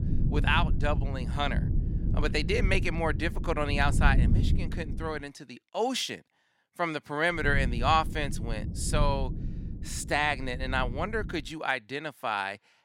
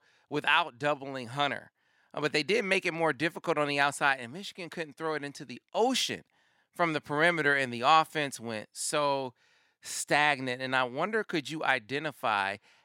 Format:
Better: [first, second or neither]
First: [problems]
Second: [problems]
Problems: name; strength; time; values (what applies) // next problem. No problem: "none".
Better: second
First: low rumble; noticeable; until 5 s and from 7.5 to 11 s; 15 dB below the speech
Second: none